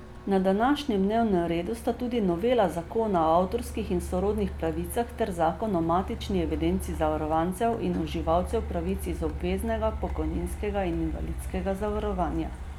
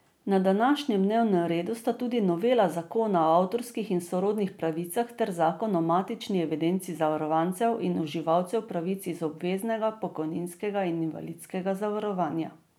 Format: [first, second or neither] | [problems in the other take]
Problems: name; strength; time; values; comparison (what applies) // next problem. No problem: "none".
second | background sound (Truck); 8 dB below the speech